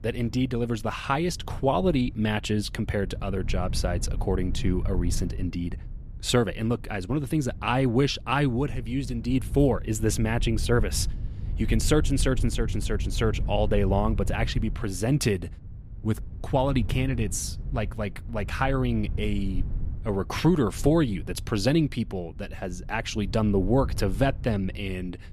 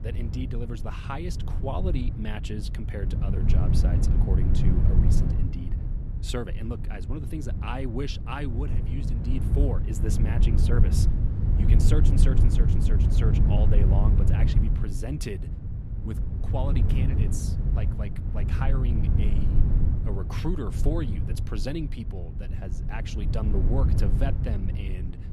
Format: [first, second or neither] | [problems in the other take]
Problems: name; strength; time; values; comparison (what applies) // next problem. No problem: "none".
first | low rumble; loud; throughout; 2 dB below the speech; faint in the first